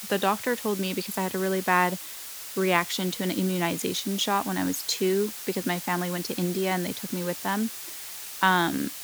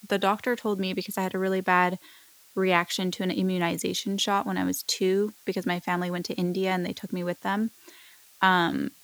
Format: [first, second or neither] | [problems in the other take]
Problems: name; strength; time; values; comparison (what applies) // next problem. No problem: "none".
second | hiss; loud; throughout; 8 dB below the speech; faint in the second